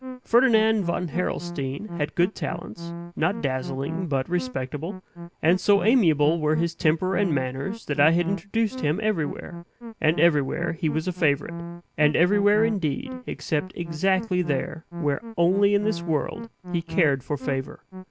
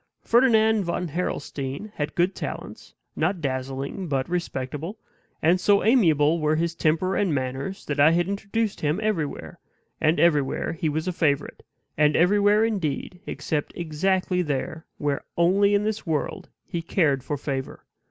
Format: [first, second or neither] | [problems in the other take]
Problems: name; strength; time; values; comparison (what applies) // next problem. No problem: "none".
second | background sound (Musical instrument); 12 dB below the speech